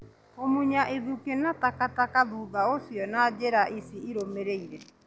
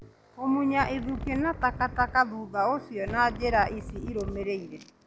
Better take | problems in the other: first | background sound (Wind); 9 dB below the speech

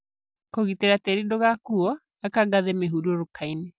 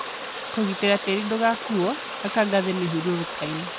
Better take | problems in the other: first | background sound (Water); 8 dB below the speech

